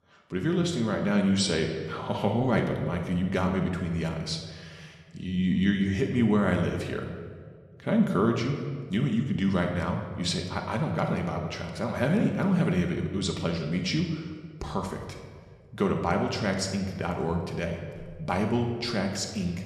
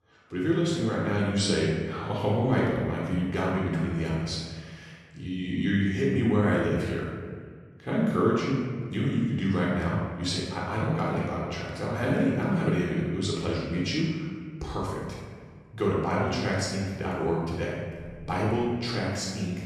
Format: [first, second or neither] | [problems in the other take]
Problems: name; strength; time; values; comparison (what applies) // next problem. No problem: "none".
first | room echo; strong; dies away in 1.5 s; slight in the first // off-mic speech; far